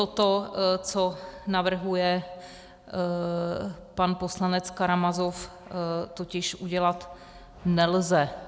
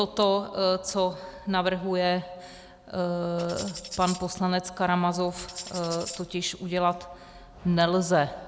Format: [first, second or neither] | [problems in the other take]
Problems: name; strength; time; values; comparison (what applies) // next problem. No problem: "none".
first | background sound (Tambourine); 14 dB below the speech